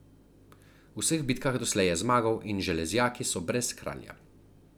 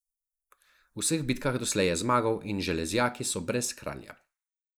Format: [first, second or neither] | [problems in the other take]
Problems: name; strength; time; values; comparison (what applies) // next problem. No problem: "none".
first | noise reduction (neural mask model Resemble Enhance denoiser)